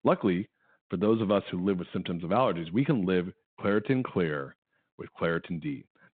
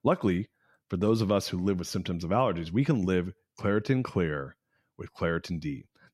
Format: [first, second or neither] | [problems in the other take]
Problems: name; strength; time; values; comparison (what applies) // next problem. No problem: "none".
second | phone-call audio; nothing above 3.5 kHz